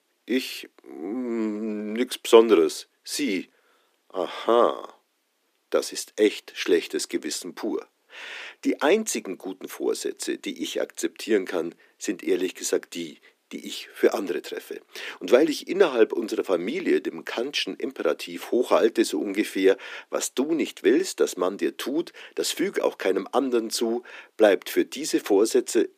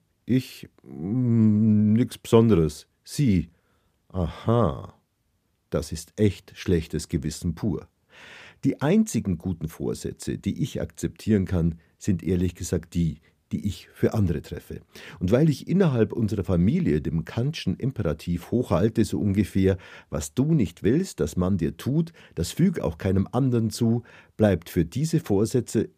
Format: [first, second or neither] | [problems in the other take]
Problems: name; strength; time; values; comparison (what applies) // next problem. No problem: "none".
second | thin; somewhat; fading below 300 Hz